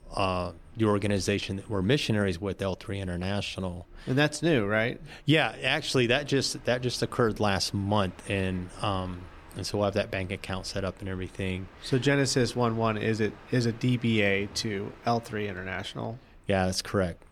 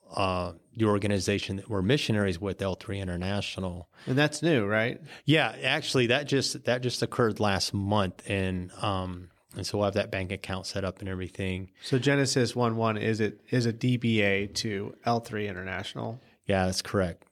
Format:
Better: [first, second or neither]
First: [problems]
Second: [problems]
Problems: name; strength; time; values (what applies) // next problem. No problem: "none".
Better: second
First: train or aircraft noise; faint; throughout; 25 dB below the speech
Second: none